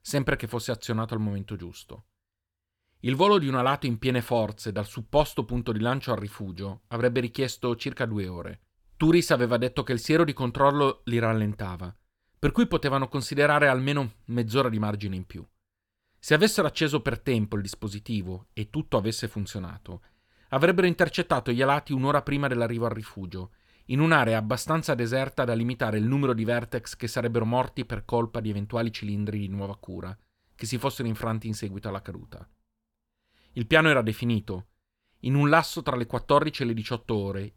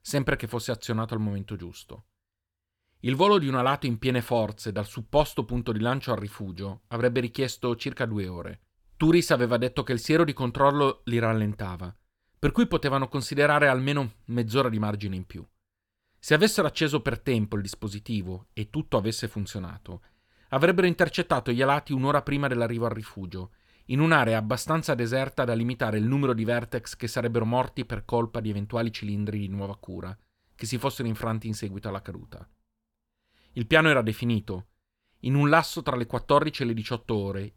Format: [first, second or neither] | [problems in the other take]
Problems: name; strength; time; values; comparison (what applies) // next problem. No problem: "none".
neither | none